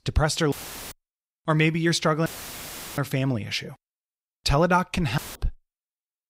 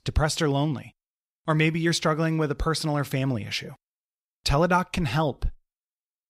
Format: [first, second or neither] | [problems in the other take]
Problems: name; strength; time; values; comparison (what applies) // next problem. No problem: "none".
second | audio cutting out; filled with static; at 0.5 s, at 2.5 s for 0.5 s and at 5 s